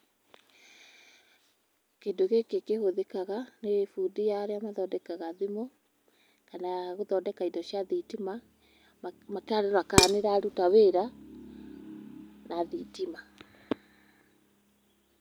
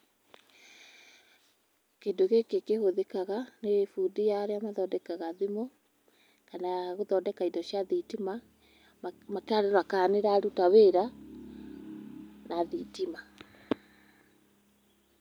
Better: second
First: background sound (Dishes, pots, and pans); 4 dB above the speech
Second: none

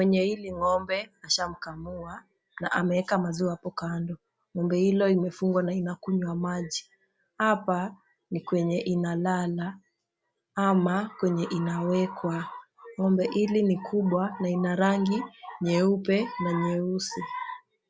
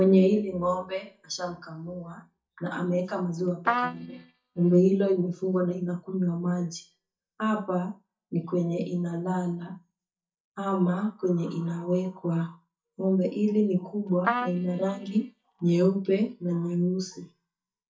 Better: first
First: none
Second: noise reduction (neural mask model DeepFilterNet 3)

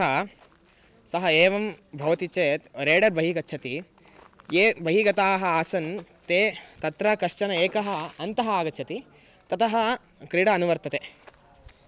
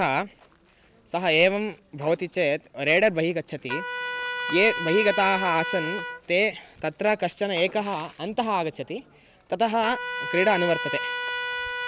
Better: first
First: none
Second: background sound (Trumpet); 8 dB below the speech

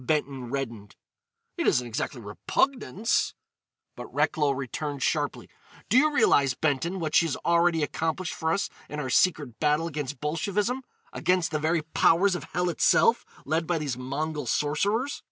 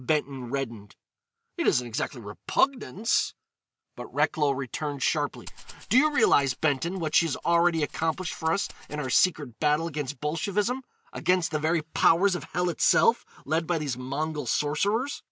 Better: first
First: none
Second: background sound (Rattle (instrument)); 19 dB below the speech

